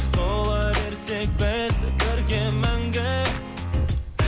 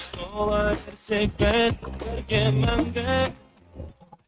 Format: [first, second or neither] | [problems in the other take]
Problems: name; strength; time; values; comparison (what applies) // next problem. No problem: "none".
first | noise reduction (neural mask model RNNoise)